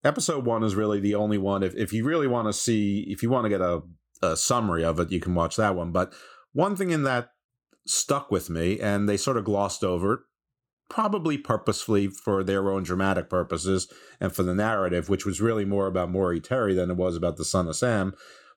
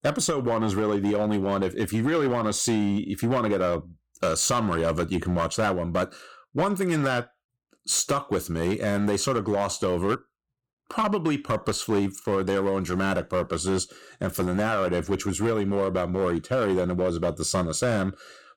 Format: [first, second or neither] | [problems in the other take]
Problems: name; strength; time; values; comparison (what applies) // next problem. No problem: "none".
first | distortion; slight; 8% of the sound clipped